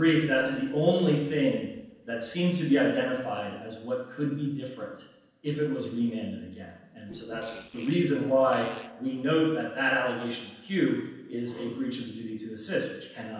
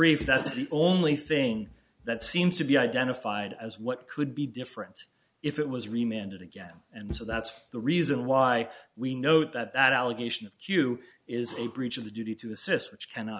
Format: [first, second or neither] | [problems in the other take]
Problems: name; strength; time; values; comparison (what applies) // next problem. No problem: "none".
second | noise reduction (neural separator model SepFormer DNS4)